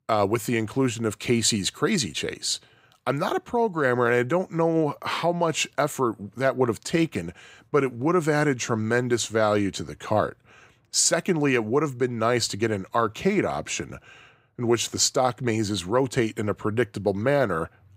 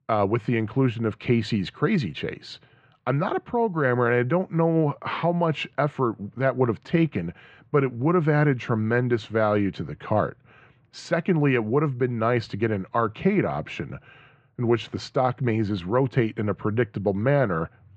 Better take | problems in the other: first | muffled; very; fading above 3 kHz

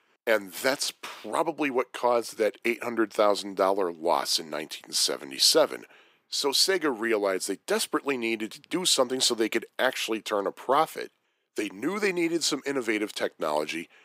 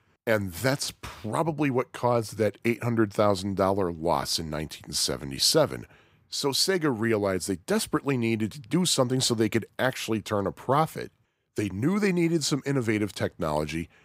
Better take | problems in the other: second | thin; somewhat; fading below 300 Hz

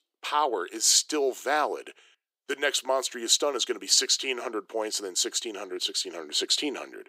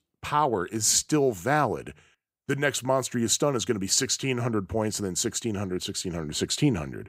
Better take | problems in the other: second | thin; somewhat; fading below 350 Hz

